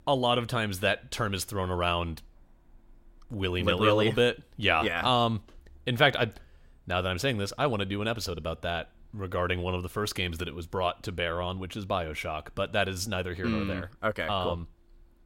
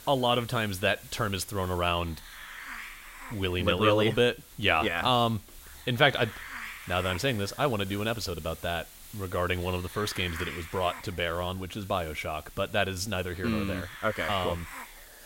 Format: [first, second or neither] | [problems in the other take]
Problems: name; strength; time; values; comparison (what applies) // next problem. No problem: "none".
first | hiss; noticeable; throughout; 15 dB below the speech